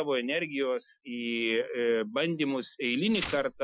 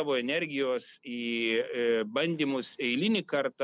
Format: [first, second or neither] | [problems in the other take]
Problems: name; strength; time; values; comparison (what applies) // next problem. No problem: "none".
second | noise reduction (classical method Wiener filter)